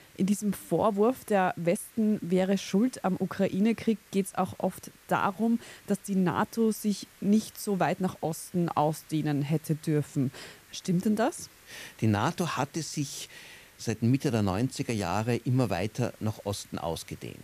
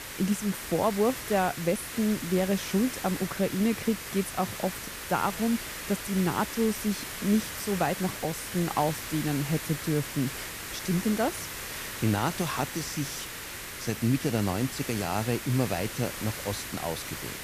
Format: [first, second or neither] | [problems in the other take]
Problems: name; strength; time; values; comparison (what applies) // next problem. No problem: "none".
first | hiss; loud; throughout; 6 dB below the speech; faint in the first